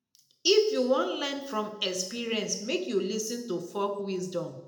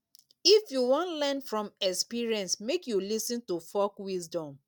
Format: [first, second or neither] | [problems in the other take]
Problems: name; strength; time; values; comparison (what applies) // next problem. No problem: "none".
second | room echo; dies away in 0.7 s